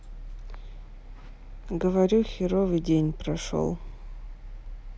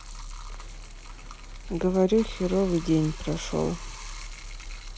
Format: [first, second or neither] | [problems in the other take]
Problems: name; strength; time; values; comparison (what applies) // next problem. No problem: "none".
first | background sound (Bathtub (filling or washing)); 17 dB below the speech